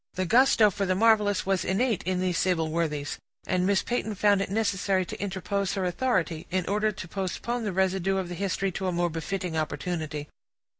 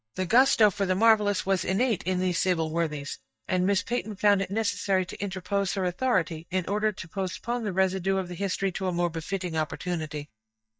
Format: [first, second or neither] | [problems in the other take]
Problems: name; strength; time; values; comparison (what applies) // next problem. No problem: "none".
first | noise reduction (neural mask model DeepFilterNet 3)